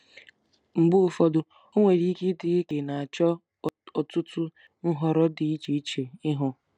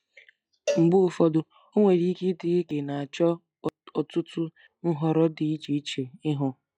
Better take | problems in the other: first | noise reduction (classical method log-MMSE)

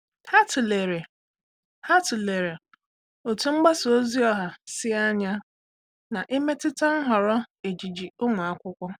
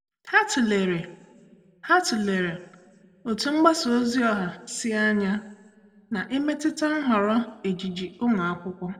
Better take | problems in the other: first | room echo; dies away in 1 s

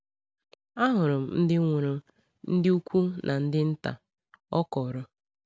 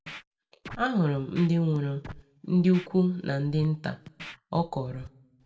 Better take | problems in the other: first | background sound (Scratching (performance technique)); 19 dB below the speech // room echo; dies away in 0.3 s

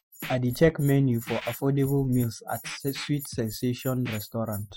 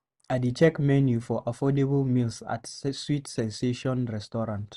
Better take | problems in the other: second | noise reduction (classical method Wiener filter)

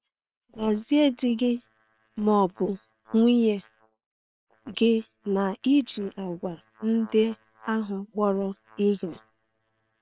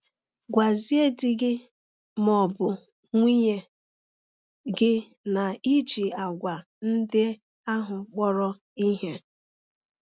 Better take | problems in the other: second | noise reduction (neural separator model SepFormer WHAM!)

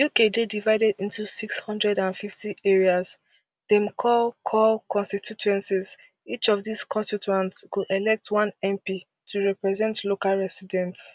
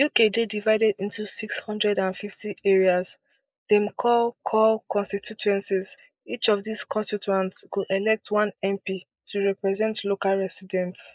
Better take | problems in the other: first | noise reduction (neural mask model Resemble Enhance denoiser)

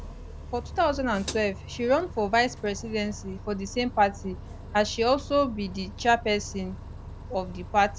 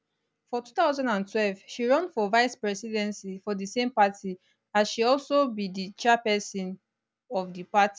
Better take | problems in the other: second | background sound (Bus + Hi-hat); 12 dB below the speech

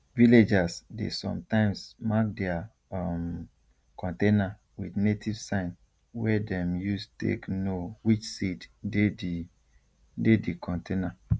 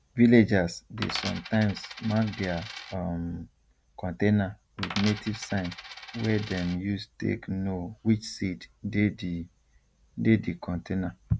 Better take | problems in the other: first | background sound (Coin (dropping)); 12 dB below the speech

